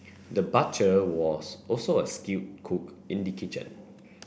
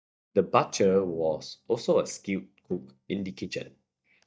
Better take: first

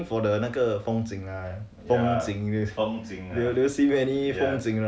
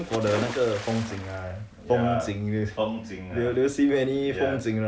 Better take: first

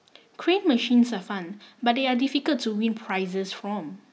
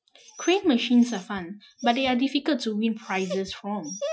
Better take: first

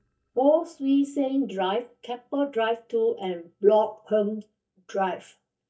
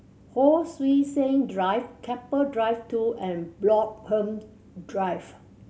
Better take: second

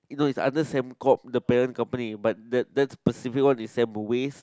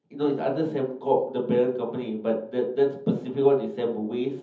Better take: first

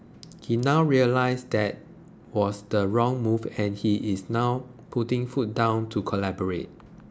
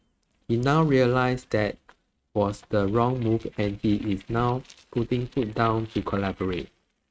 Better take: first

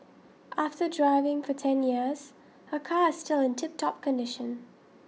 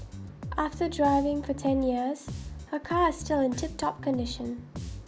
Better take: first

